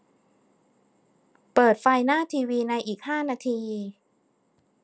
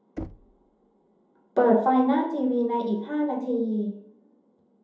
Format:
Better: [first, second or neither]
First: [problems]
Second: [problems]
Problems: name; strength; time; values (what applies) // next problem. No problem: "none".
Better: first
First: none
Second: background sound (Knock); 19 dB below the speech // room echo; dies away in 2.6 s